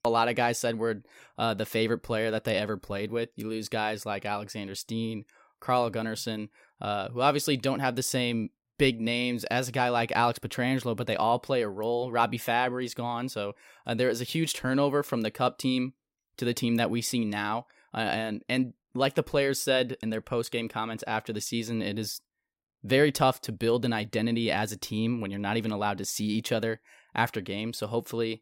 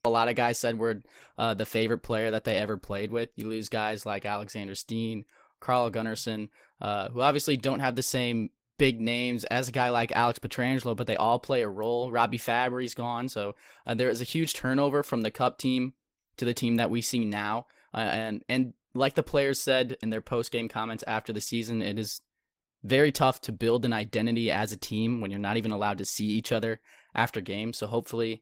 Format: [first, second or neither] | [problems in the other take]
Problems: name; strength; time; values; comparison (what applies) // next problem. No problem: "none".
first | garbled, watery; slightly; nothing above 16 kHz